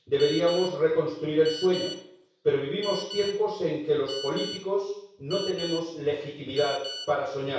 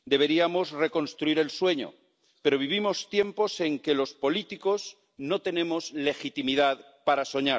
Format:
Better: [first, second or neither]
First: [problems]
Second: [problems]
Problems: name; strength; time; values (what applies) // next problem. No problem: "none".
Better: second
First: background sound (Telephone); 13 dB below the speech // room echo; dies away in 0.6 s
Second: none